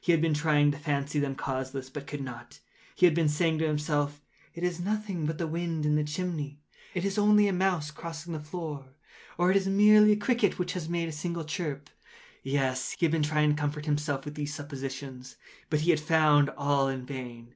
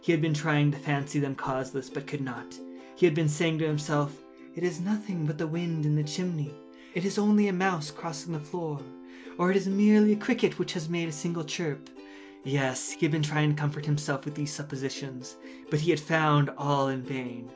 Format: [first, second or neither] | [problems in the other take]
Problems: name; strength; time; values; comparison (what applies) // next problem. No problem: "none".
first | background sound (Plucked string instrument); 18 dB below the speech